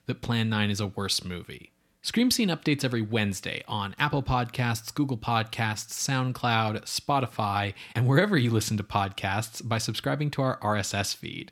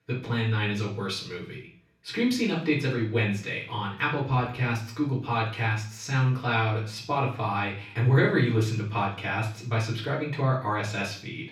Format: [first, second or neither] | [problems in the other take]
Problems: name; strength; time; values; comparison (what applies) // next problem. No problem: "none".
first | room echo; noticeable; dies away in 0.5 s // off-mic speech; far